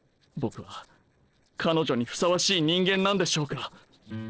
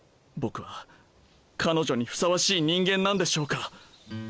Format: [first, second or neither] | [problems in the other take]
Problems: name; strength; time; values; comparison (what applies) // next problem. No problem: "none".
second | noise reduction (neural separator model SepFormer DNS4)